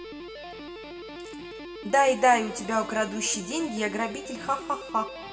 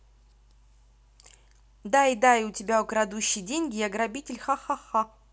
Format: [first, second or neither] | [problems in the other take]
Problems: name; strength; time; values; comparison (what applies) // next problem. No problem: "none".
second | background sound (Guitar); 12 dB below the speech // room echo; dies away in 1.3 s